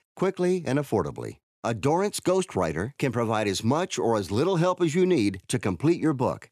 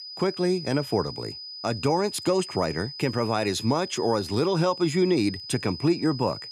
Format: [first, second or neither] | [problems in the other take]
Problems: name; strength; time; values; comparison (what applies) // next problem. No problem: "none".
first | high-pitched whine; noticeable; throughout; 5 kHz, 10 dB below the speech